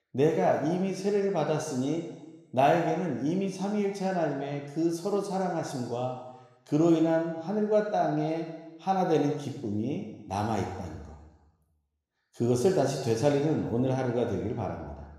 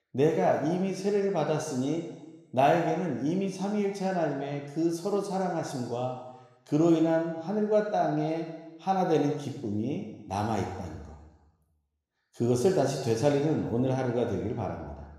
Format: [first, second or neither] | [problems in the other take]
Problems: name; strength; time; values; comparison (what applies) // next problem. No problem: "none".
neither | room echo; noticeable; dies away in 1.1 s; the same in both // off-mic speech; somewhat distant; the same in both